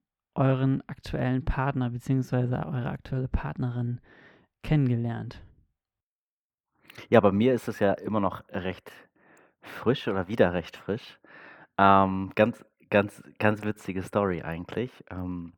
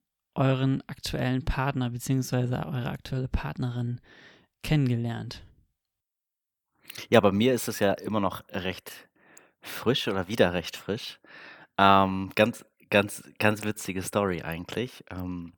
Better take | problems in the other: second | muffled; slightly; fading above 3 kHz

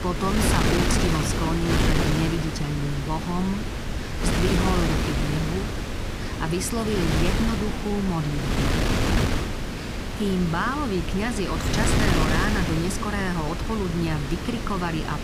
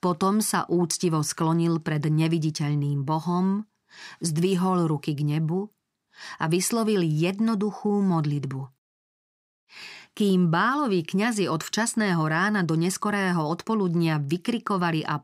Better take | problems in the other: second | wind noise on the microphone; heavy; 1 dB above the speech

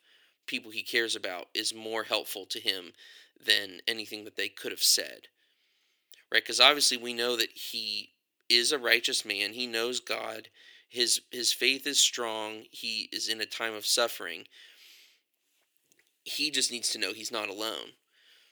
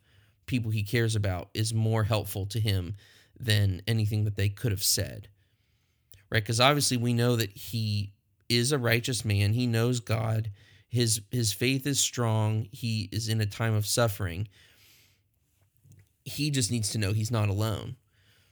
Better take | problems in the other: second | thin; very; fading below 350 Hz

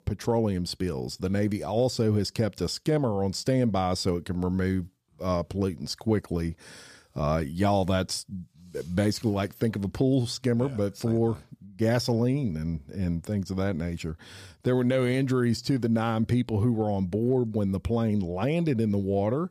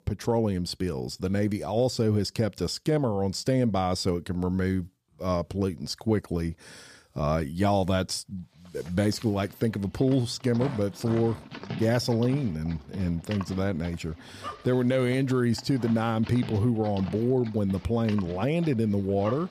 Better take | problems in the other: first | animal sounds; noticeable; from 9 s on; 15 dB below the speech

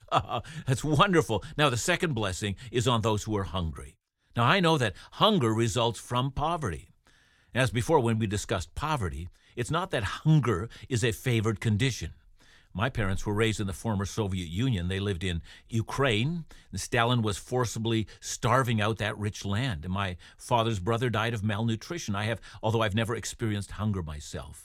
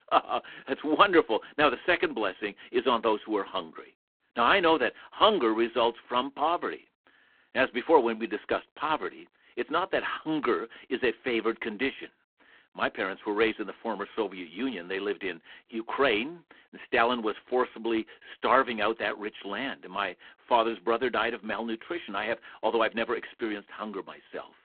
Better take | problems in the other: first | phone-call audio; poor line

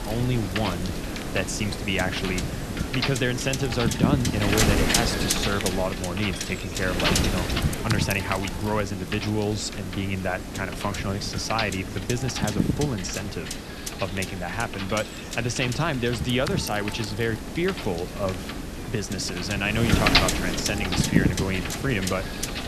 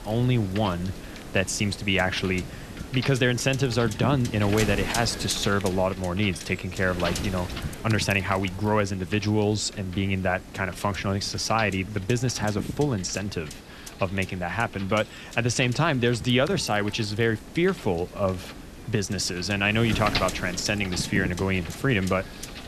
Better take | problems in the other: second | wind noise on the microphone; heavy; 1 dB below the speech; occasional gusts in the second

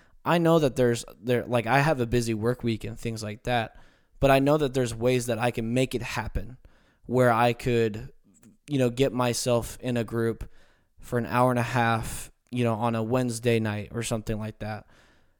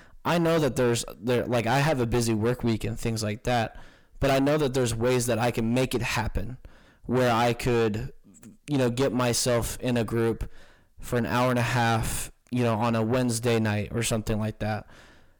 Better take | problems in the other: first | distortion; heavy; 6 dB below the speech

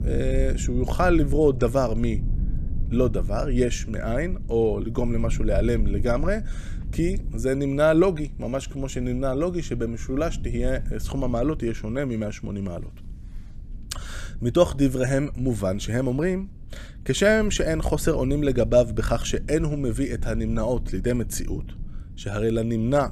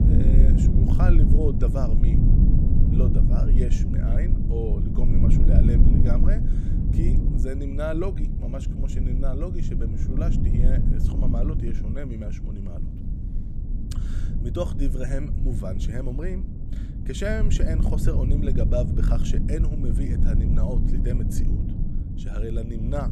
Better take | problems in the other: first | low rumble; loud; throughout; 1 dB below the speech; faint in the first

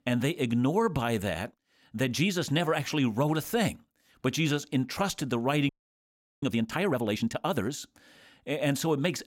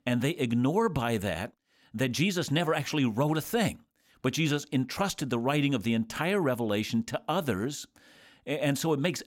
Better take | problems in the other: second | audio freezing; at 5.5 s for 0.5 s

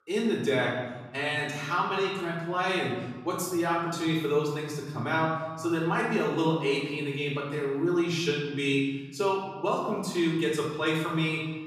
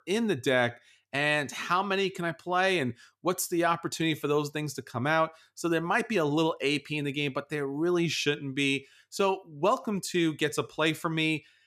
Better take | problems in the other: second | off-mic speech; far // room echo; noticeable; dies away in 1.4 s

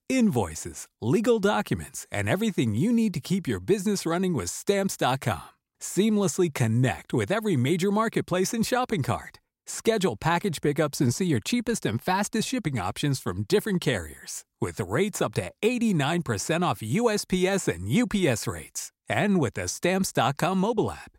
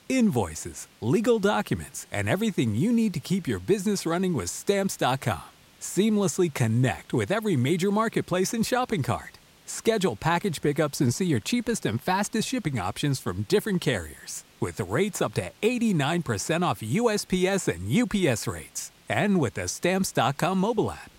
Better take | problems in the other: first | hiss; faint; throughout; 30 dB below the speech

